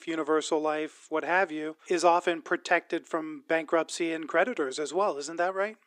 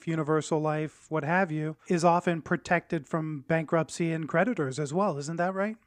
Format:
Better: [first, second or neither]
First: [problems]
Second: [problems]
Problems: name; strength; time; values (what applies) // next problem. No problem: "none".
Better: second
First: thin; very; fading below 350 Hz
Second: none